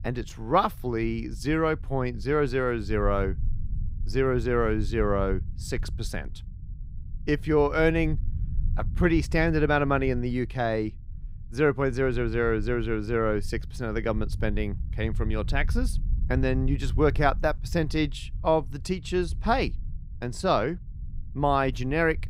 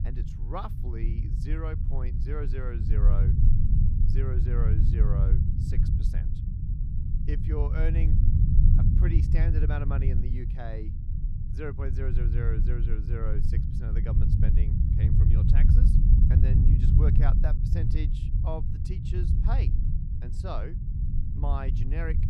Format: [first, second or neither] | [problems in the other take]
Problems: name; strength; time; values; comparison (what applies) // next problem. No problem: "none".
first | low rumble; loud; throughout; 1 dB below the speech; faint in the first